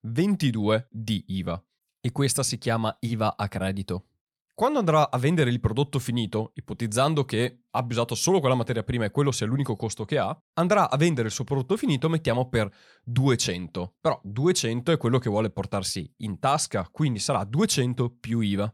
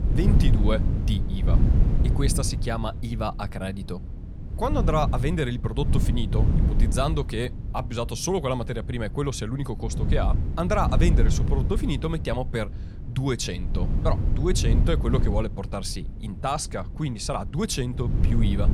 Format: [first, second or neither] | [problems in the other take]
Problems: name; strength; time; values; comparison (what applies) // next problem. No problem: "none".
first | wind noise on the microphone; heavy; 9 dB below the speech